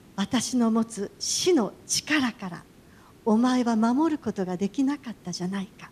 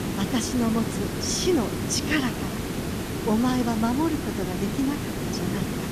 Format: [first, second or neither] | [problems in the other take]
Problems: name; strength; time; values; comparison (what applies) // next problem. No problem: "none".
first | hiss; loud; throughout; 3 dB below the speech; faint in the first